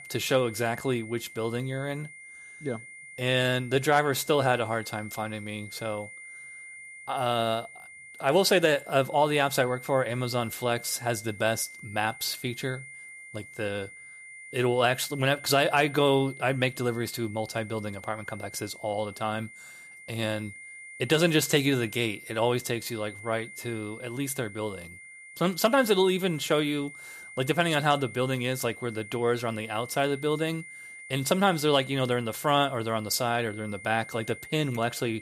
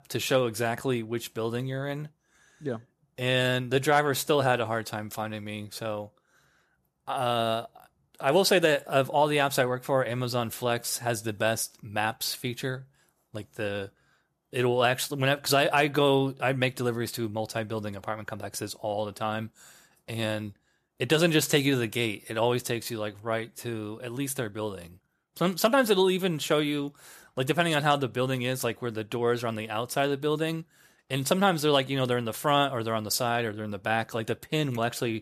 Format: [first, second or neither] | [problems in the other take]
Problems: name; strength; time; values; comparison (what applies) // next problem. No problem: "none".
second | high-pitched whine; noticeable; throughout; 2 kHz, 15 dB below the speech